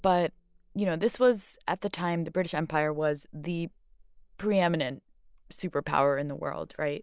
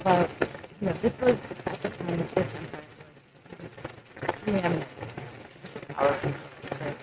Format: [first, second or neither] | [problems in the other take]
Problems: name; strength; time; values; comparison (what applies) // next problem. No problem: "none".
first | noise reduction (neural mask model RNNoise)